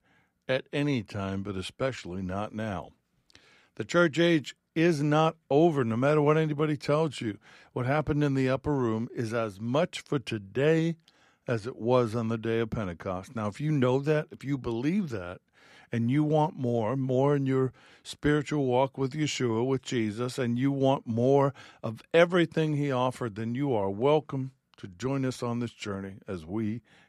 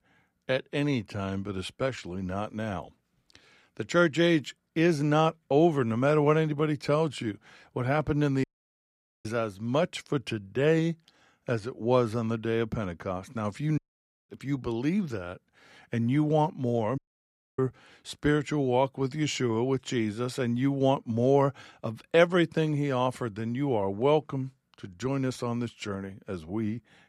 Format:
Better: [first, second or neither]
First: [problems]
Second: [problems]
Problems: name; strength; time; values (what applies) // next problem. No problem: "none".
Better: first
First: none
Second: audio cutting out; at 8.5 s for 1 s, at 14 s for 0.5 s and at 17 s for 0.5 s